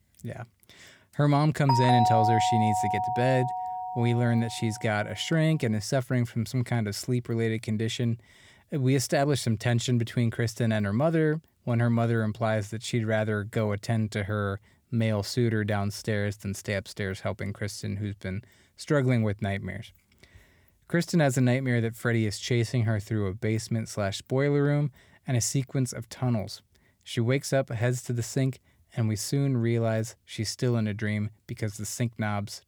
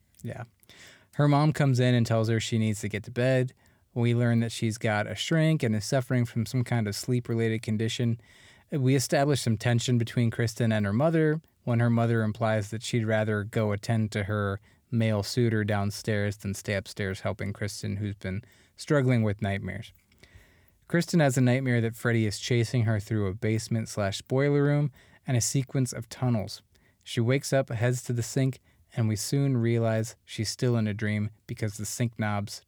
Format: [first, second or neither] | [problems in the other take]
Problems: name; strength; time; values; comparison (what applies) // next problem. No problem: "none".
second | doorbell; loud; from 1.5 to 4.5 s; peak 5 dB above the speech